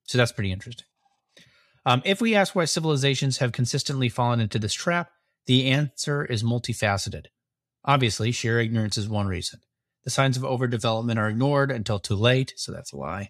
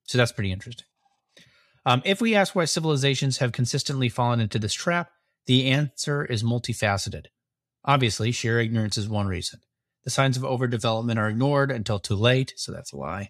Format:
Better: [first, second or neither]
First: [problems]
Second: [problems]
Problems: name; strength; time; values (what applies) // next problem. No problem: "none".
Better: neither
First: none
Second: none